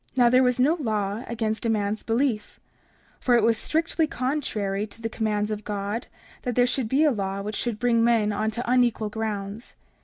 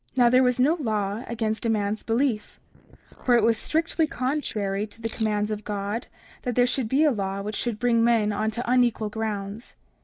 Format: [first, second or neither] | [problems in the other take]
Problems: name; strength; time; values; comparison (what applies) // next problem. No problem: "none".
first | noise reduction (neural mask model Resemble Enhance denoiser)